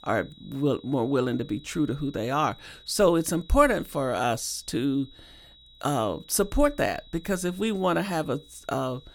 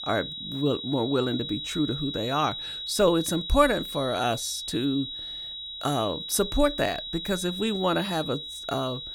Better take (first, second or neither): first